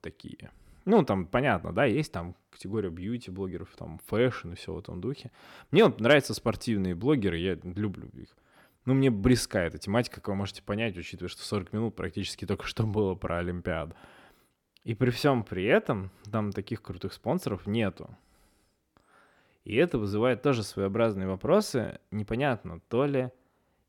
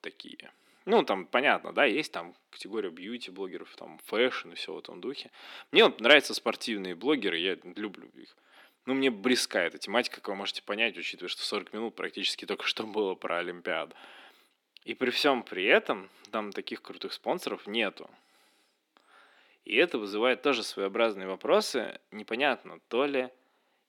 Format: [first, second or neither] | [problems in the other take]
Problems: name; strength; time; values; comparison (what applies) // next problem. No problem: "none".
first | thin; somewhat; fading below 250 Hz